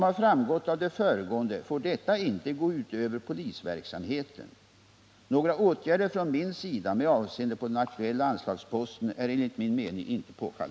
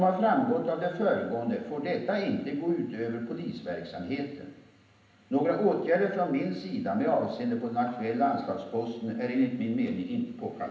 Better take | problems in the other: first | room echo; dies away in 0.8 s

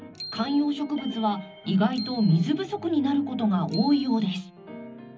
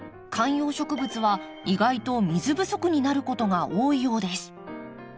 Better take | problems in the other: second | background sound (Bicycle bell); 18 dB below the speech // room echo; dies away in 0.4 s

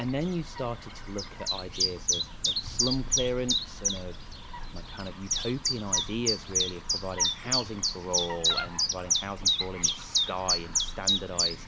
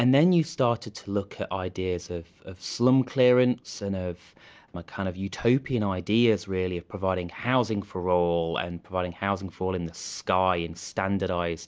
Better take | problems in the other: second | background sound (Chirp, tweet); 5 dB above the speech

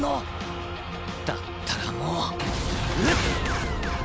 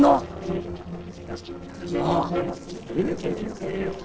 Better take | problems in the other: first | noise reduction (neural separator model SepFormer DNS4)

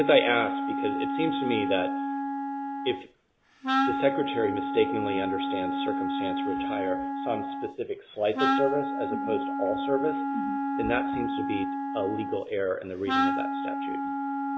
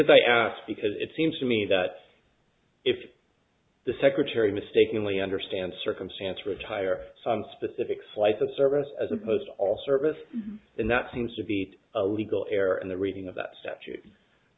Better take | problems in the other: second | background sound (Wind instrument, woodwind instrument); as loud as the speech

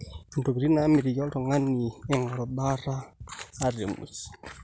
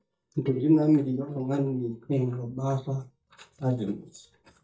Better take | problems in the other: first | noise reduction (neural mask model DeepFilterNet 3)

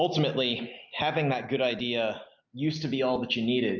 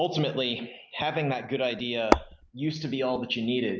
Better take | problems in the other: first | background sound (Tap / Hammer); 4 dB above the speech

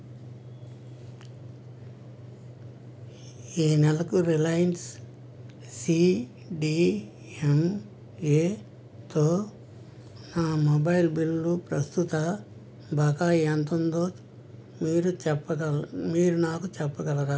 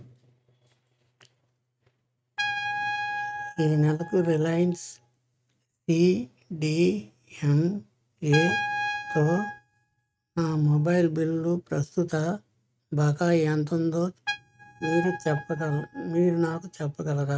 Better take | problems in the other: first | noise reduction (neural mask model RNNoise)

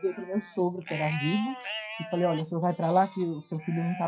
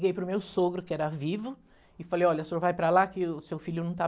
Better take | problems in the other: second | noise reduction (classical method WPE with log-MMSE)

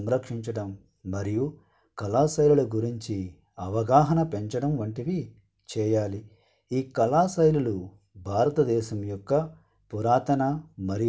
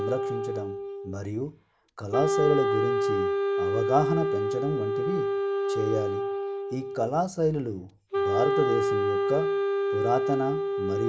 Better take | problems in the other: first | background sound (Wind instrument, woodwind instrument); 3 dB above the speech

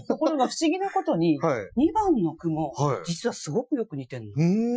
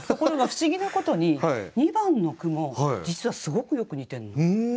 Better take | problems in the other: second | noise reduction (classical method Wiener filter)

